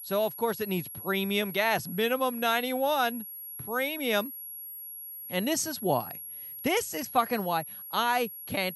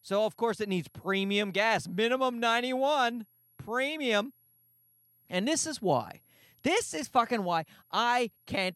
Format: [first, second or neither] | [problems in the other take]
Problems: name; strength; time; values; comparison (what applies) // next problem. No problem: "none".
second | high-pitched whine; loud; throughout; 11.5 kHz, 10 dB below the speech; faint in the second